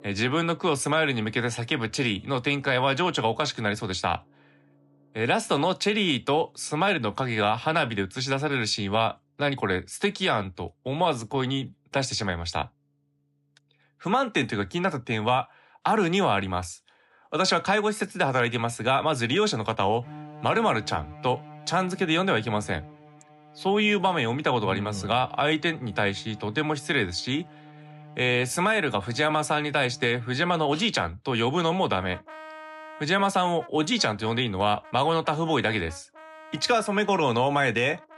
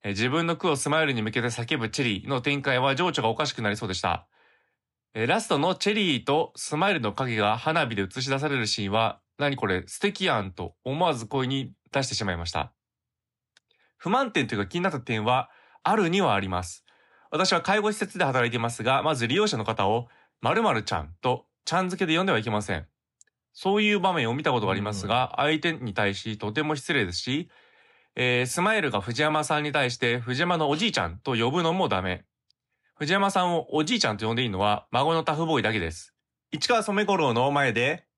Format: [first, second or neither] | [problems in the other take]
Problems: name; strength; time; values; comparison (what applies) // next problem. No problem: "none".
second | background music; faint; throughout; 20 dB below the speech